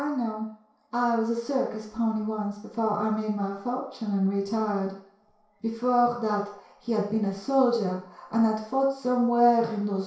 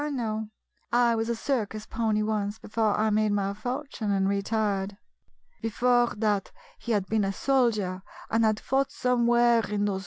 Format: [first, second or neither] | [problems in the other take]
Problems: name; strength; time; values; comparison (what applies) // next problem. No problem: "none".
second | room echo; dies away in 0.6 s